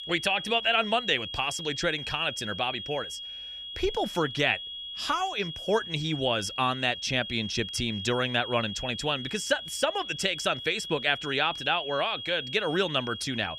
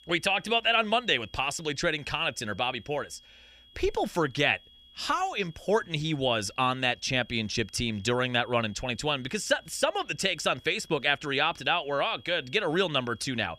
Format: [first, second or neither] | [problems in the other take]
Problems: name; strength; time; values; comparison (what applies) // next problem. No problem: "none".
second | high-pitched whine; loud; throughout; 3.5 kHz, 8 dB below the speech; faint in the second